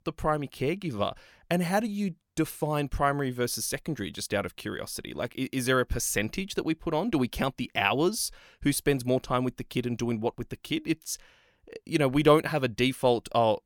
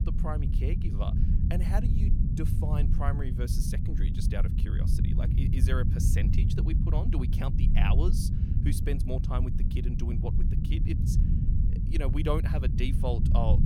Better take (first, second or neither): first